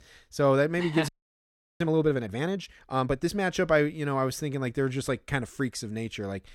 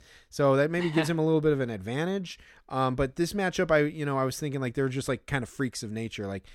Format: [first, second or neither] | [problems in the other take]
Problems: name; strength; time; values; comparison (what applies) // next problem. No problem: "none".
second | audio freezing; at 1 s for 0.5 s